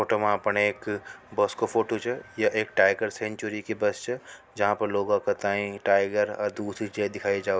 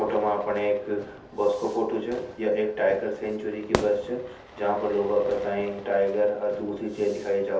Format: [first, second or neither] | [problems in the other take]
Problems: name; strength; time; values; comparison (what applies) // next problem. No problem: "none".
first | background sound (Fire / Fireworks); 13 dB below the speech // room echo; dies away in 0.5 s